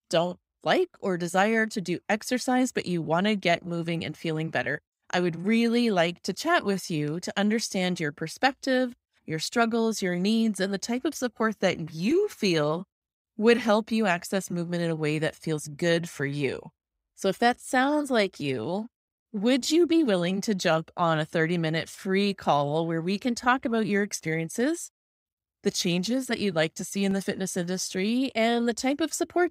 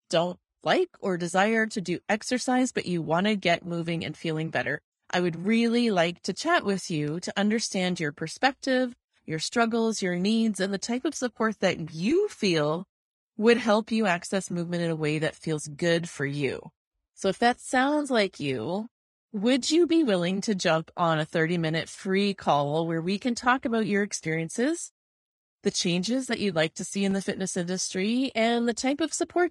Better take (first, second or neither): first